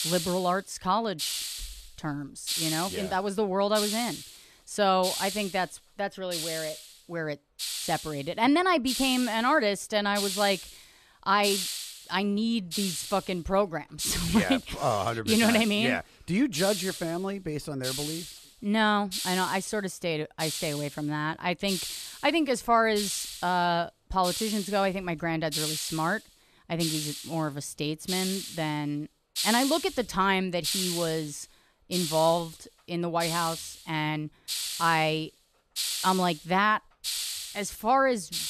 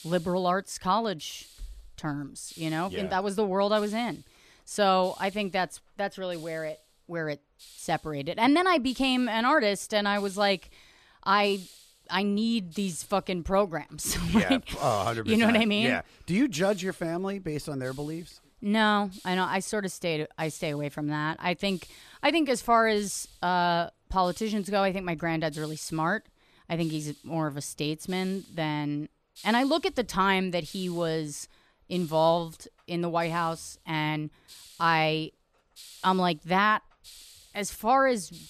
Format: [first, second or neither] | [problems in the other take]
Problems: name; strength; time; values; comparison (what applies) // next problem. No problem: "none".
second | hiss; loud; throughout; 5 dB below the speech; faint in the second